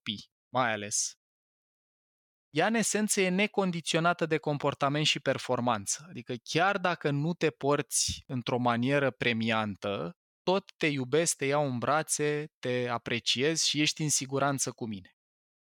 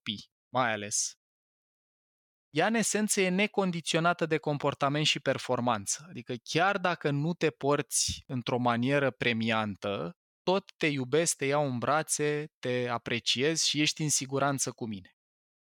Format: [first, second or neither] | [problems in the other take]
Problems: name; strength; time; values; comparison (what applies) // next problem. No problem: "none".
neither | none